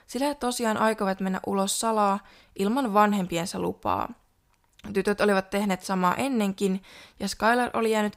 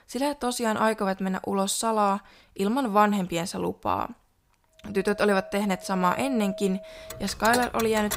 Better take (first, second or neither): first